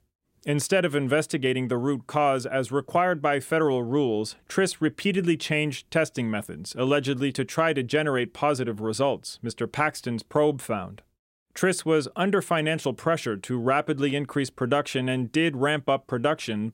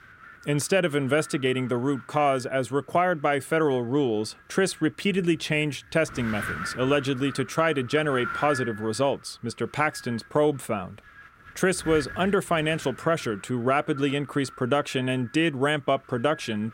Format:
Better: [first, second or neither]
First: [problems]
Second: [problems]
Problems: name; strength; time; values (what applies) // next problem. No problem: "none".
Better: first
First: none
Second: wind noise on the microphone; occasional gusts; 10 dB below the speech